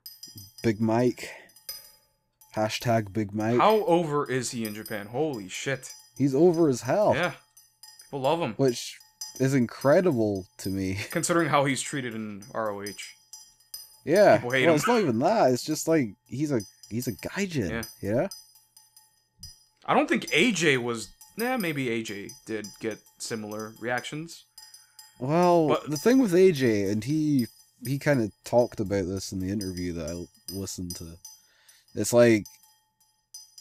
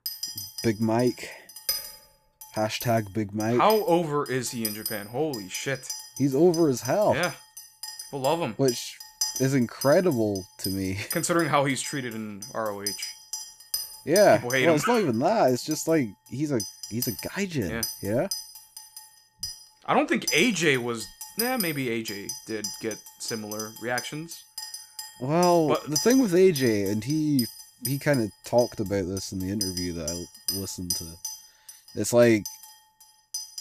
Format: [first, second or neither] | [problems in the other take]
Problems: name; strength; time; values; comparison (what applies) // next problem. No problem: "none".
first | household noises; loud; throughout; 9 dB below the speech; faint in the first